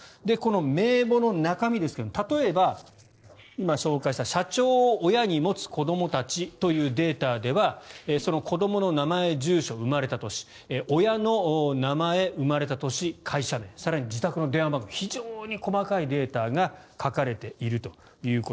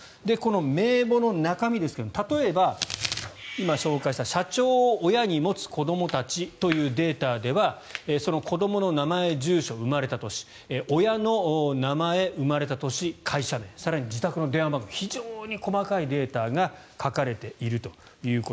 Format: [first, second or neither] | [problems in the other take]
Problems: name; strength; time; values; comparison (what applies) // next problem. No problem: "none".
second | noise reduction (neural separator model SepFormer DNS4)